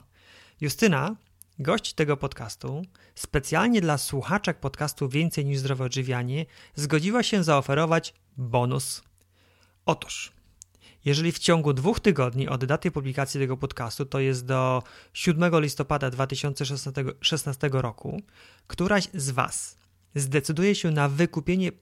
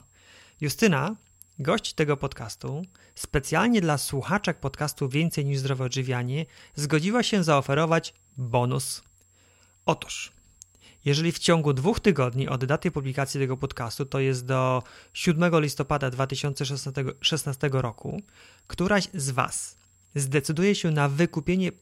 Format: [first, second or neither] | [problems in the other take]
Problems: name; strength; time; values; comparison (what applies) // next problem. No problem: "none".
first | high-pitched whine; faint; throughout; 7.5 kHz, 35 dB below the speech